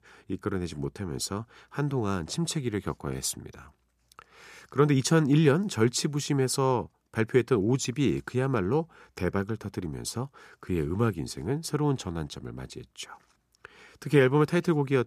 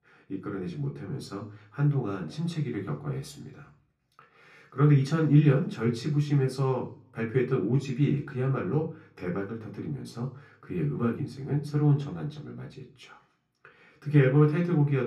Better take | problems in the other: first | room echo; slight; dies away in 0.4 s // off-mic speech; far

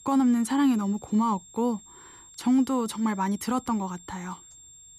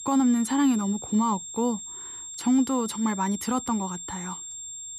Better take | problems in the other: first | high-pitched whine; loud; throughout; 7.5 kHz, 10 dB below the speech; faint in the first

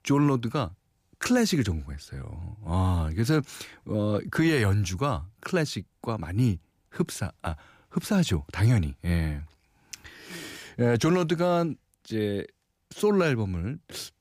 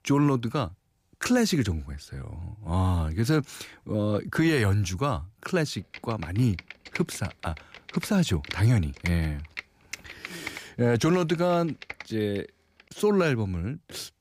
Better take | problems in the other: first | keyboard typing; faint; from 6 to 12 s; peak 10 dB below the speech

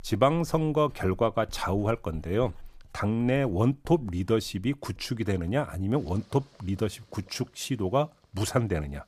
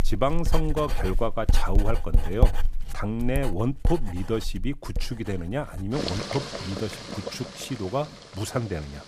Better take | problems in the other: first | household noises; loud; throughout; 1 dB below the speech; faint in the first

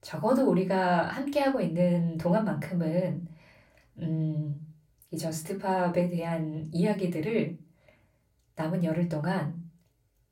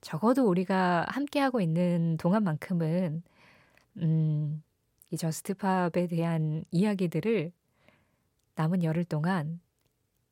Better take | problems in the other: second | off-mic speech; far // room echo; very slight; dies away in 0.2 s

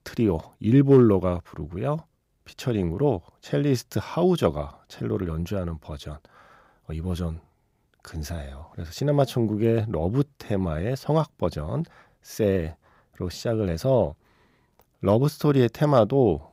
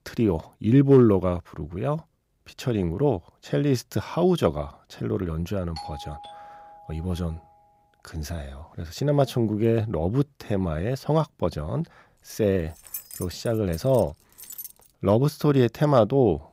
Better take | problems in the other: first | doorbell; faint; from 6 to 7.5 s; peak 15 dB below the speech // jangling keys; faint; from 12 to 15 s; peak 10 dB below the speech

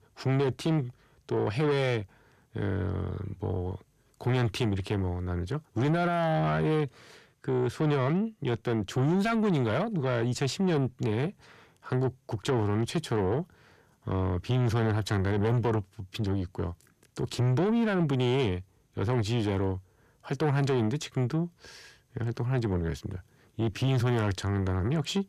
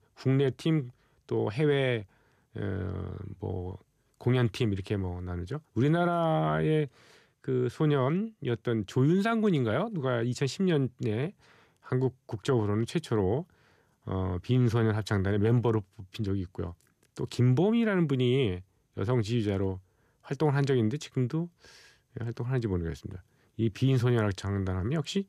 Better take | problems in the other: second | distortion; slight; 10 dB below the speech

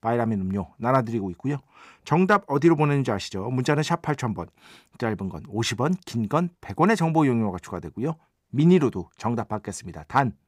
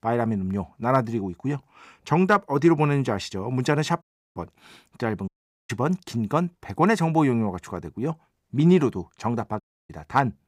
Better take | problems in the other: first | audio cutting out; at 4 s, at 5.5 s and at 9.5 s

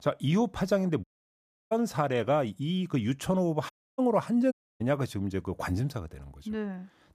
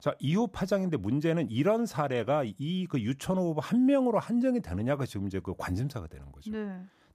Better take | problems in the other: second | audio cutting out; at 1 s for 0.5 s, at 3.5 s and at 4.5 s

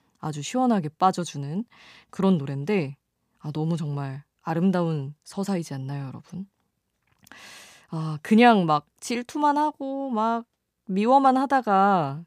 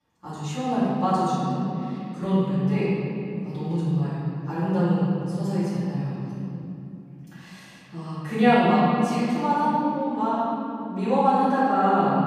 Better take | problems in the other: first | off-mic speech; far // room echo; strong; dies away in 3 s

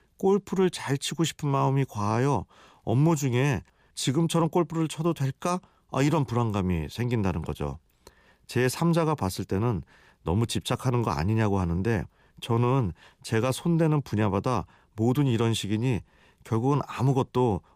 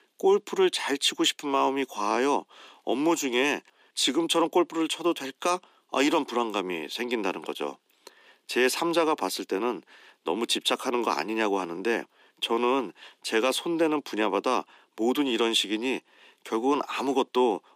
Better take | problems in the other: first | thin; somewhat; fading below 250 Hz

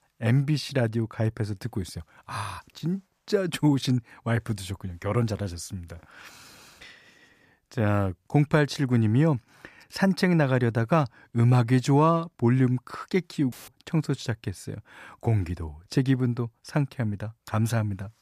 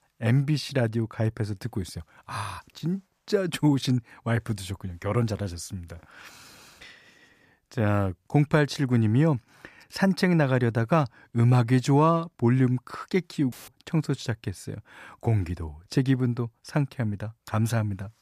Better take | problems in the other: neither | audio cutting out; filled with static; at 14 s; the same in both

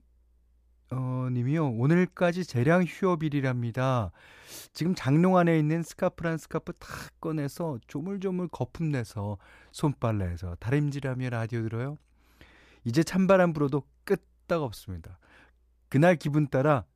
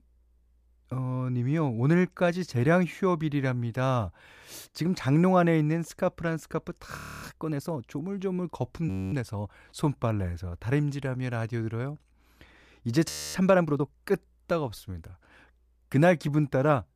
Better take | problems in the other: first | audio freezing; at 7 s, at 9 s and at 13 s

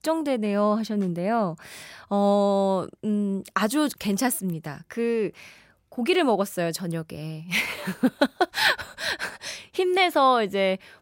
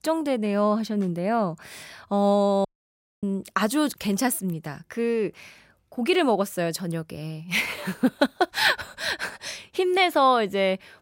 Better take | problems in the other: first | audio cutting out; at 2.5 s for 0.5 s

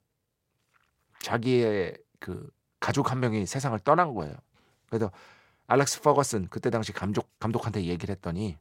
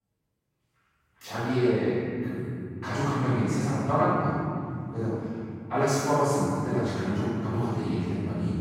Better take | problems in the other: first | room echo; strong; dies away in 3 s // off-mic speech; far

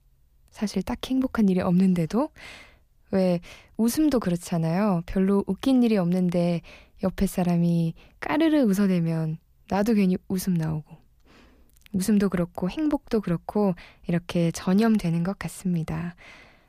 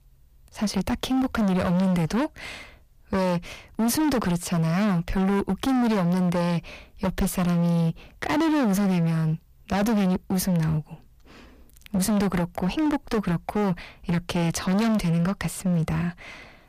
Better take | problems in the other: first | distortion; heavy; 27% of the sound clipped

